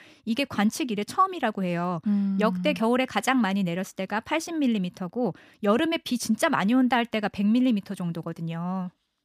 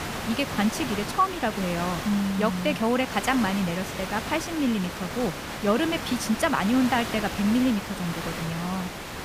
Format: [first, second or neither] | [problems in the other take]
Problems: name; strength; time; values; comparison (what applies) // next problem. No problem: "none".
first | hiss; loud; throughout; 6 dB below the speech